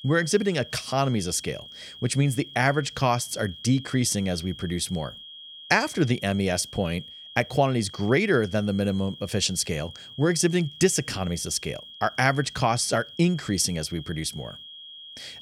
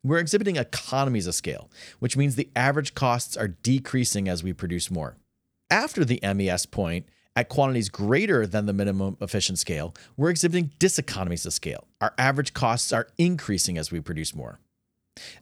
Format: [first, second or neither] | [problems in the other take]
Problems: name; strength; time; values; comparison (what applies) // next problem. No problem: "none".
second | high-pitched whine; noticeable; throughout; 3.5 kHz, 15 dB below the speech